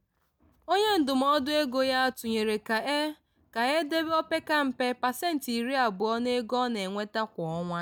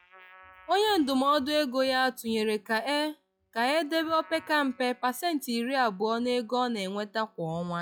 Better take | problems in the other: first | noise reduction (classical method log-MMSE)

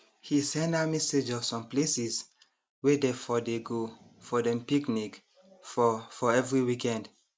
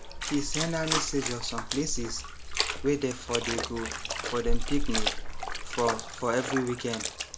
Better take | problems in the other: first | background sound (Dog + Trickle, dribble / Splash, splatter); 1 dB above the speech

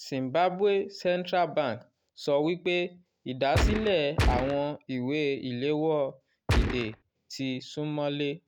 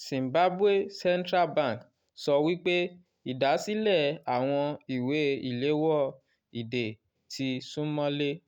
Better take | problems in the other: second | background sound (Gunshot, gunfire); 2 dB above the speech

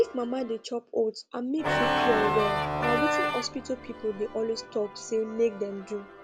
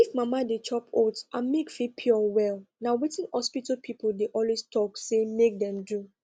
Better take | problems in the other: second | background sound (Organ); 1 dB below the speech

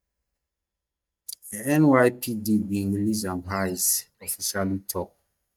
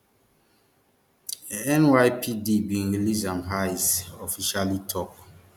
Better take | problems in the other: second | noise reduction (neural mask model DeepFilterNet 3)

